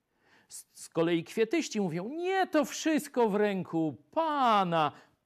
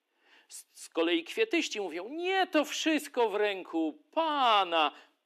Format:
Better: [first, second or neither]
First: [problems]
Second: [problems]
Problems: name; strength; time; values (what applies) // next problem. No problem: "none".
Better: first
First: none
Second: thin; very slightly; fading below 300 Hz